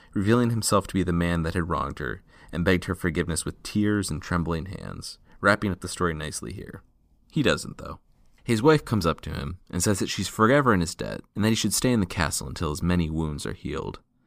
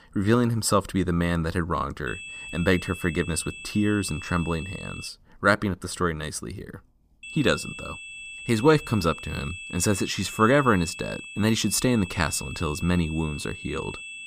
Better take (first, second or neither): first